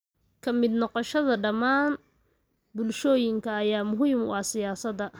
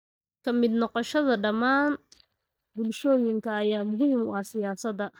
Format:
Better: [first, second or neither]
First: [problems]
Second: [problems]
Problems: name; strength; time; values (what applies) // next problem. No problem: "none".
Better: first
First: none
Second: noise reduction (neural mask model DeepFilterNet 3)